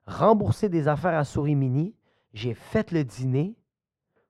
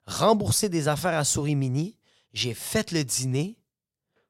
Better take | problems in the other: second | muffled; very; fading above 3 kHz

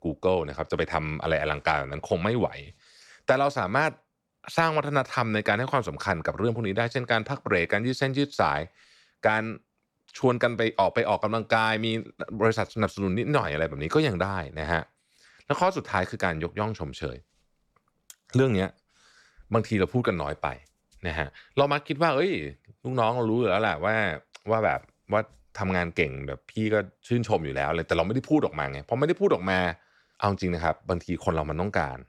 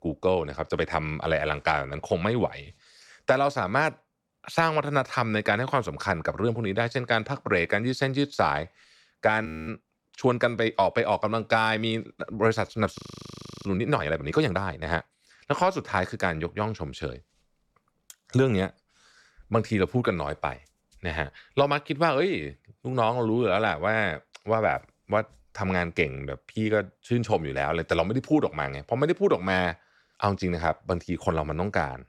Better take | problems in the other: first | audio freezing; at 9.5 s and at 13 s for 0.5 s

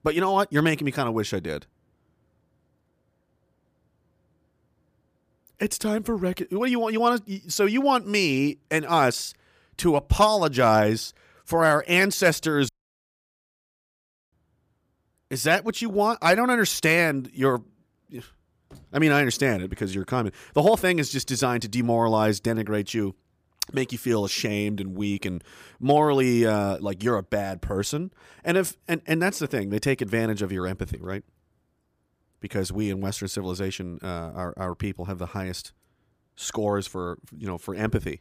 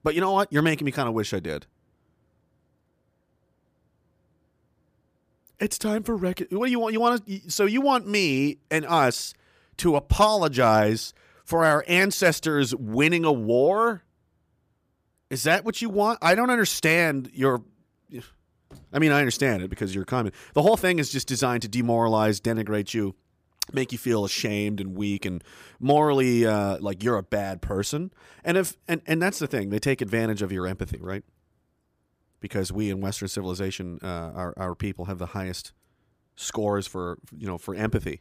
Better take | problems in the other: second | audio cutting out; at 13 s for 1.5 s

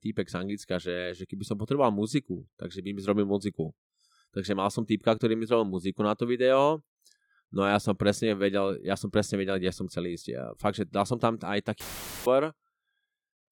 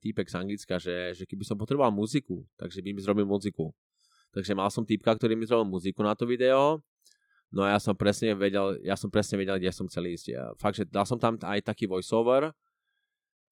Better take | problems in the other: second | audio cutting out; filled with static; at 12 s

